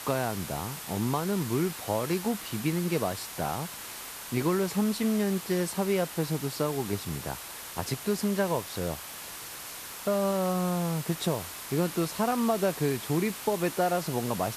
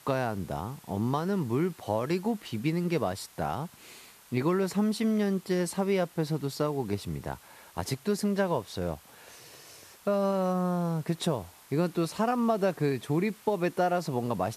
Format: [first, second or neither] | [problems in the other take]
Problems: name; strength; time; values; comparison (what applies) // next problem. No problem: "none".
second | hiss; loud; throughout; 8 dB below the speech; faint in the second